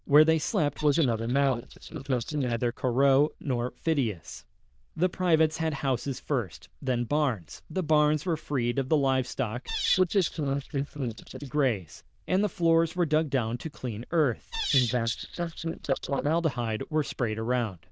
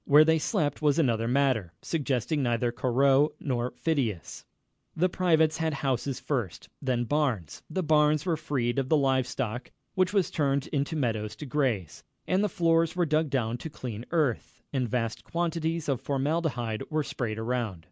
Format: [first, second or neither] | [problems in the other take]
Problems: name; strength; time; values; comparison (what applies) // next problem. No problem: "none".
second | noise reduction (neural diffusion model UNIVERSE++)